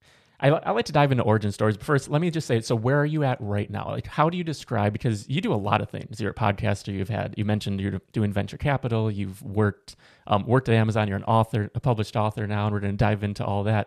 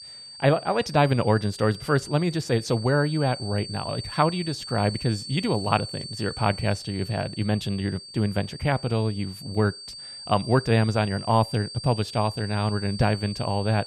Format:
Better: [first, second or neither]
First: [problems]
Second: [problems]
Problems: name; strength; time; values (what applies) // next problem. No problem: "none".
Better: first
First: none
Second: high-pitched whine; noticeable; throughout; 4.5 kHz, 10 dB below the speech